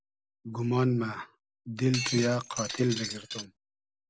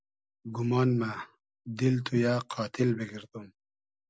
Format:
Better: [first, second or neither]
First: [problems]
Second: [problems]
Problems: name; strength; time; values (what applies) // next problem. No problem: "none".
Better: second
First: background sound (Shatter); 6 dB below the speech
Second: none